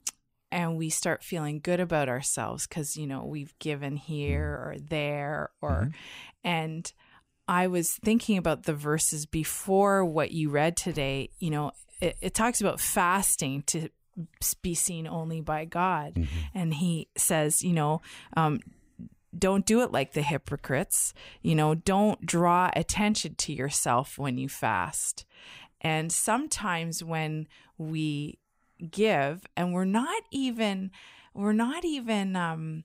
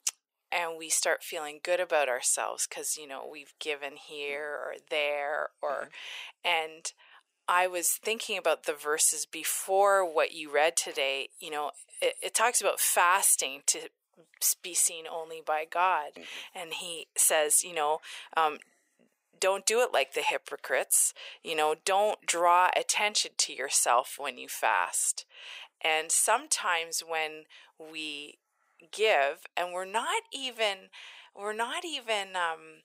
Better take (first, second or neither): first